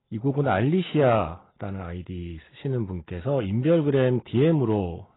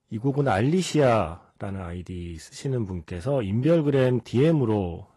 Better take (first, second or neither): second